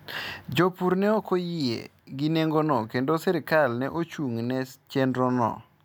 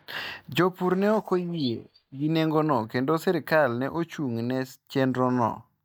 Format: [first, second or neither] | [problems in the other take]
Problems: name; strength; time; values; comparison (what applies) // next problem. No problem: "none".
first | noise reduction (neural mask model DeepFilterNet 3)